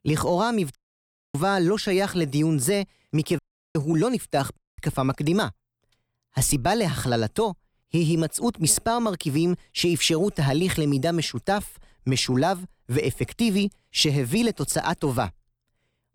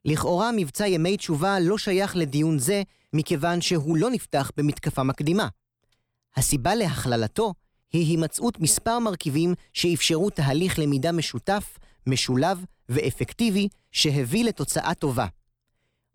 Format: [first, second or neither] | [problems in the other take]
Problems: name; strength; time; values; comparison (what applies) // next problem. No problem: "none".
second | audio cutting out; at 1 s for 0.5 s, at 3.5 s and at 4.5 s